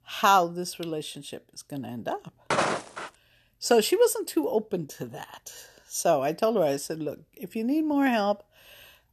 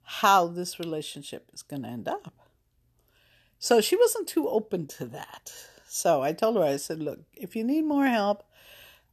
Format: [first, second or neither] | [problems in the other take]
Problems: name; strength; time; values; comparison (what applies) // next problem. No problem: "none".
second | footsteps; loud; at 2.5 s; peak level with the speech